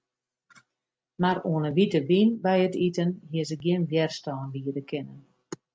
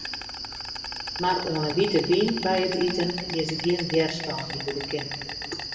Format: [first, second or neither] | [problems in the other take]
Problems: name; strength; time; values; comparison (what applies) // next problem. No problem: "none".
first | background sound (Insect); 7 dB below the speech // room echo; dies away in 2 s